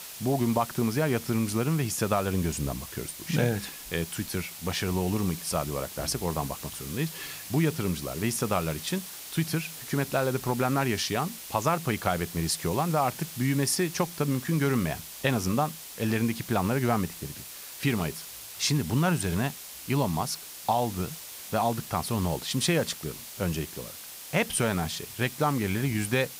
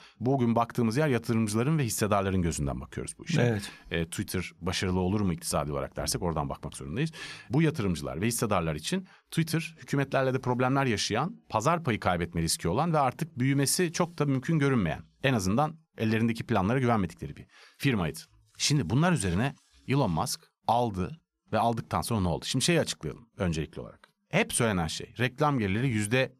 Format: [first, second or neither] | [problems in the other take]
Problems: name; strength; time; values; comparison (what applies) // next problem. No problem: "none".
second | hiss; noticeable; throughout; 10 dB below the speech